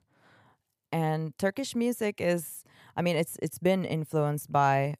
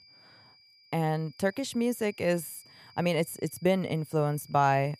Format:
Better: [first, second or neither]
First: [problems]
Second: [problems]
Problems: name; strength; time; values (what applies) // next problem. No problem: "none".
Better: first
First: none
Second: high-pitched whine; faint; throughout; 5 kHz, 25 dB below the speech